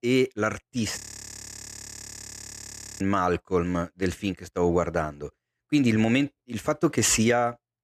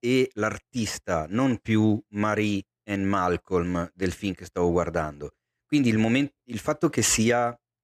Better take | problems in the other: second | audio freezing; at 1 s for 2 s

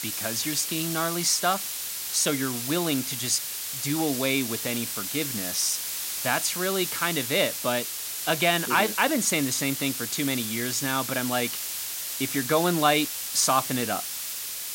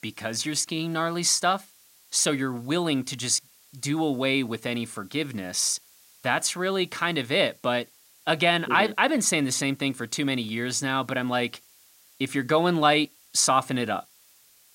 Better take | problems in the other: second | hiss; loud; throughout; 3 dB below the speech; faint in the second

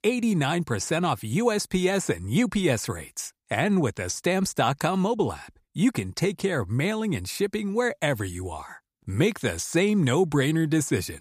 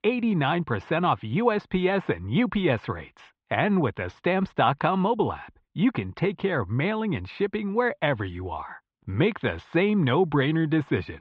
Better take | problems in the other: first | muffled; very; fading above 3.5 kHz

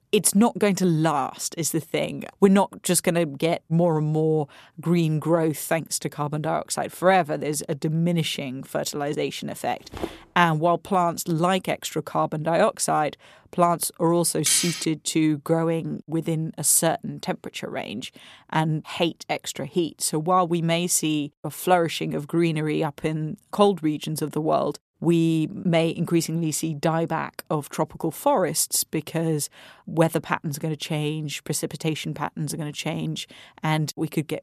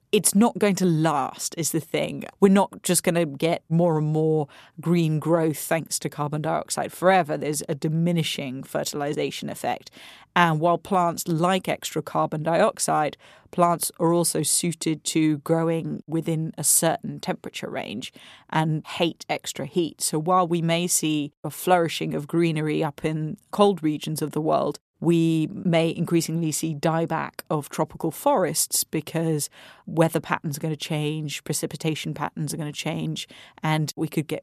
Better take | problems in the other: second | footsteps; faint; at 10 s; peak 10 dB below the speech // clattering dishes; loud; at 14 s; peak level with the speech

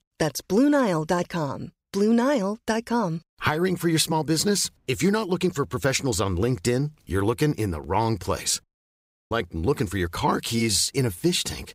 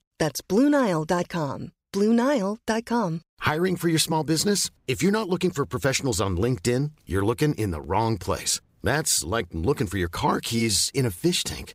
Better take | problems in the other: second | audio cutting out; at 8.5 s for 0.5 s

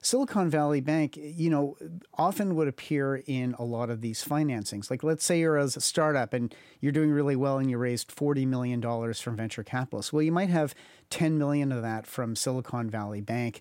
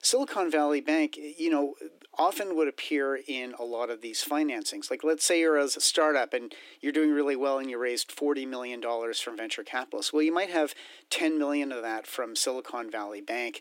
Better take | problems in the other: first | thin; somewhat; fading below 300 Hz

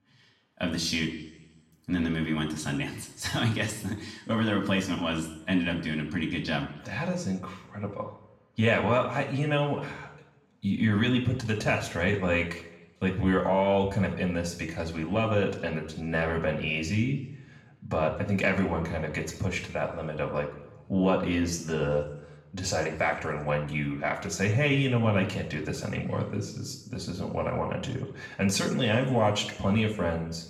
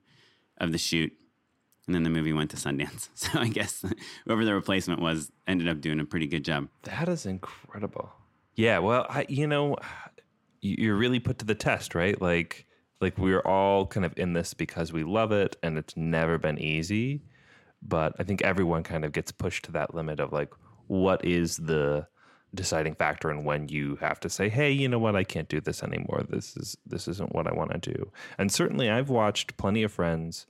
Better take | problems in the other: second | room echo; slight; dies away in 0.7 s // off-mic speech; somewhat distant

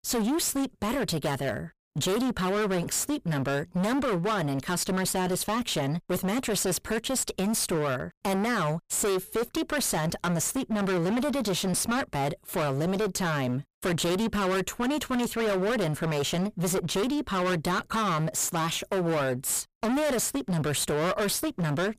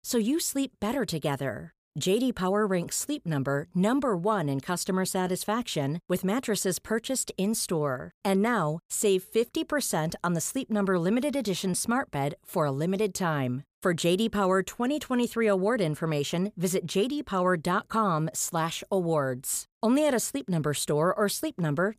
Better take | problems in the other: second | distortion; heavy; 30% of the sound clipped

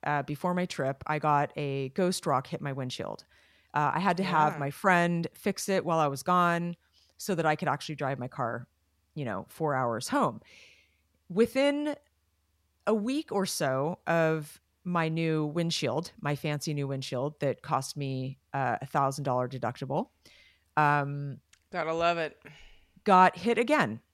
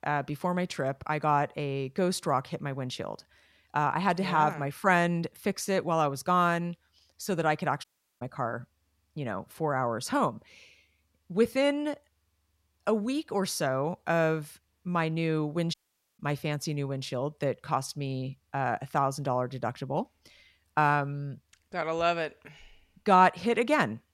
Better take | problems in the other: first | audio cutting out; at 8 s and at 16 s

